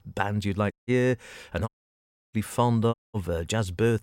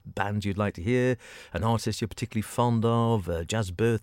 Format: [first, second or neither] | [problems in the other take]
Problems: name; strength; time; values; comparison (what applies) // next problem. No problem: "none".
second | audio cutting out; at 0.5 s, at 1.5 s for 0.5 s and at 3 s